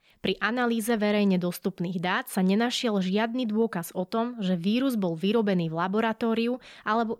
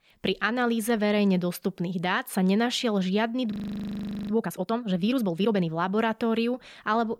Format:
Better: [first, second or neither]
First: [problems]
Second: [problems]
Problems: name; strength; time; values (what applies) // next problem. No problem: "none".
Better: first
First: none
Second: audio freezing; at 3.5 s for 1 s